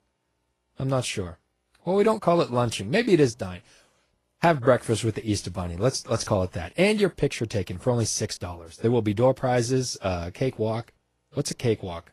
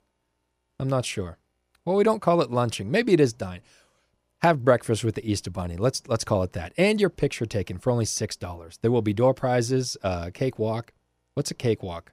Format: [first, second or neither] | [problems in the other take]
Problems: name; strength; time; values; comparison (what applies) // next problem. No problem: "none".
second | garbled, watery; slightly